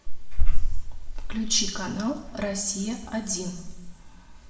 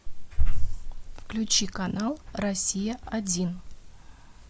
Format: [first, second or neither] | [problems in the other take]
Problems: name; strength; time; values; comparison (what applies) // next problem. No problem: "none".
second | room echo; dies away in 0.9 s